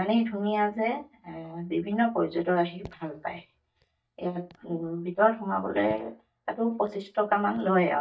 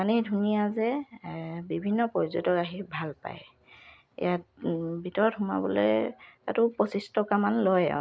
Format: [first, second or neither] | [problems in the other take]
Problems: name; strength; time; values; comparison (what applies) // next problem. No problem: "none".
second | noise reduction (neural mask model DeepFilterNet 3)